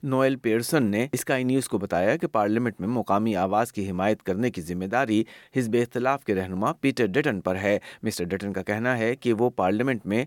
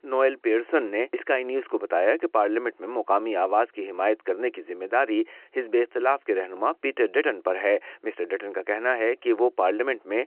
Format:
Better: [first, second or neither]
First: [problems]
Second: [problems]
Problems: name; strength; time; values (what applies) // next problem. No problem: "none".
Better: first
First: none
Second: phone-call audio